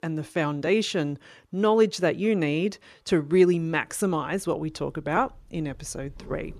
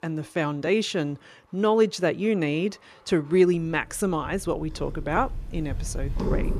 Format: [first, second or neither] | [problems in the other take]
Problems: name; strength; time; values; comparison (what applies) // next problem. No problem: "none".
first | animal sounds; loud; throughout; 9 dB below the speech; faint in the first